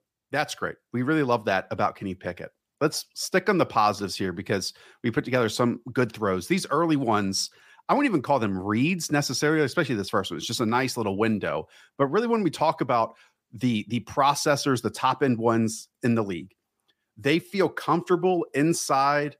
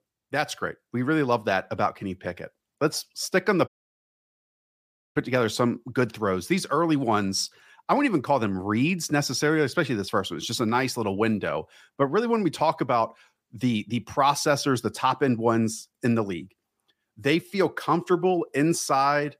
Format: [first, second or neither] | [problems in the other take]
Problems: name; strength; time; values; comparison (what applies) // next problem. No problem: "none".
first | audio cutting out; at 3.5 s for 1.5 s